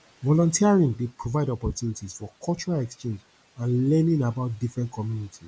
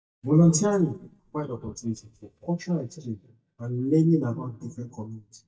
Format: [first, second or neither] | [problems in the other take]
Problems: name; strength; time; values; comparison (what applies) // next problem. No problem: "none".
first | noise reduction (neural mask model DeepFilterNet 3)